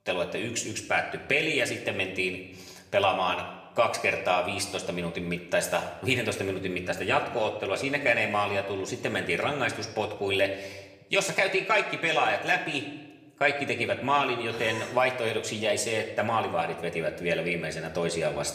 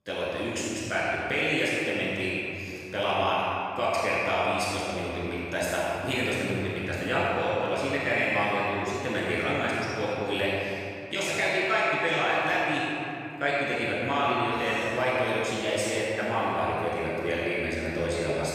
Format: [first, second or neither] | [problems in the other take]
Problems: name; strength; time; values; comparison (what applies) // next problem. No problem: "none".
first | room echo; strong; dies away in 2.7 s; slight in the first // off-mic speech; far; somewhat distant in the first